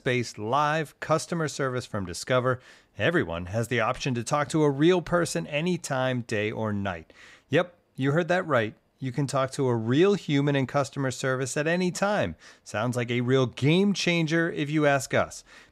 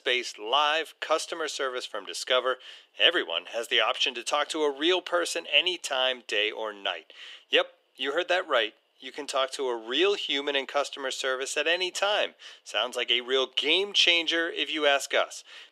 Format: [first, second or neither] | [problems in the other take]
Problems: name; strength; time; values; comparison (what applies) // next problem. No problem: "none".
first | thin; very; fading below 350 Hz